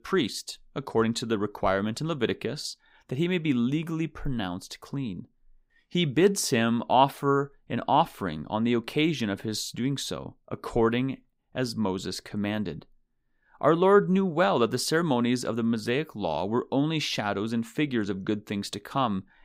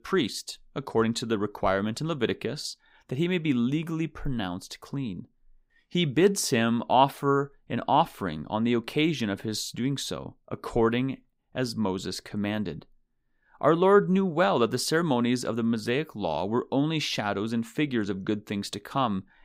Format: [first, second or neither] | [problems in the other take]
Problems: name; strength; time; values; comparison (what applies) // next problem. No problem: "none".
neither | none